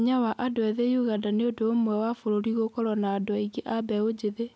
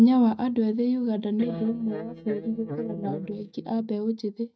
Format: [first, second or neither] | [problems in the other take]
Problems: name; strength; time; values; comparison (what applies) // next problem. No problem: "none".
first | noise reduction (neural mask model DeepFilterNet 3)